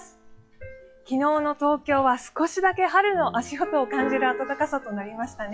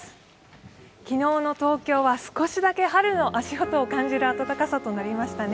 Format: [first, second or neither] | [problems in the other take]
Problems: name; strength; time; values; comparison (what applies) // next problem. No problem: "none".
second | noise reduction (classical method log-MMSE)